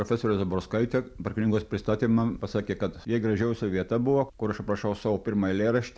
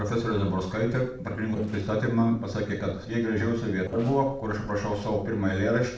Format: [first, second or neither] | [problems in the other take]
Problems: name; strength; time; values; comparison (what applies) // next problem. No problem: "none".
first | noise reduction (neural separator model SepFormer DNS4)